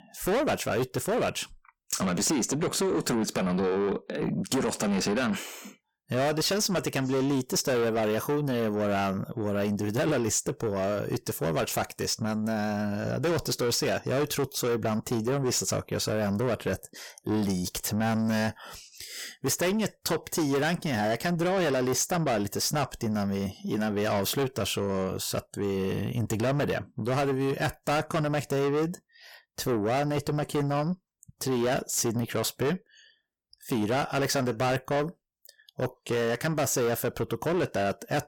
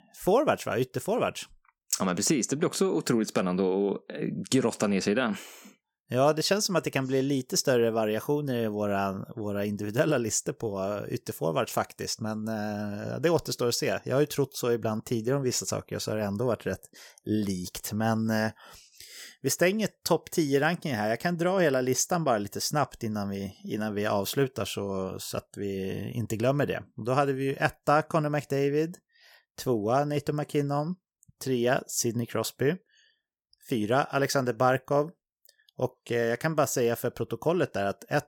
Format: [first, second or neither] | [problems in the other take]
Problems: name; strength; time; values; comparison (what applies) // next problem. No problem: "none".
second | distortion; heavy; 7 dB below the speech